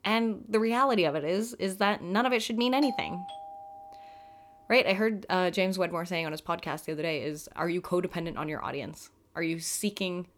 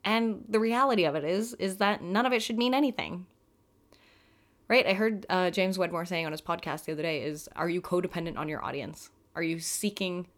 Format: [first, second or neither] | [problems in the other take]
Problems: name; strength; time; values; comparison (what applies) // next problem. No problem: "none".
second | doorbell; noticeable; from 3 to 4.5 s; peak 8 dB below the speech